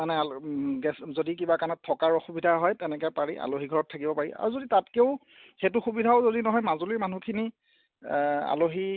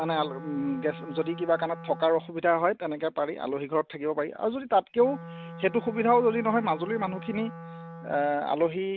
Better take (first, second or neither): first